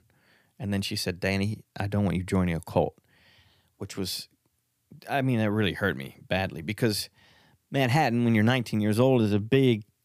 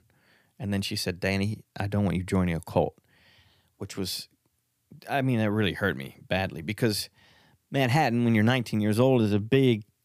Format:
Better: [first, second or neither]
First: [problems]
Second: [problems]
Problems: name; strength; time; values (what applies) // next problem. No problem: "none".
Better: neither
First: none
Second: none